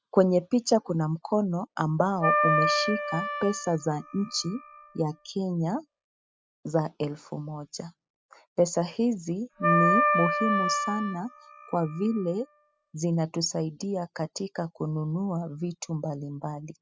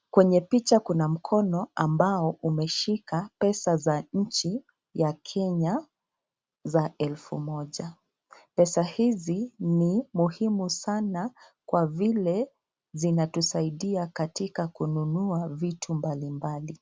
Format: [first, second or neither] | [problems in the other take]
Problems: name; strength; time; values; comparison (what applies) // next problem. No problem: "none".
second | noise reduction (classical method spectral subtraction)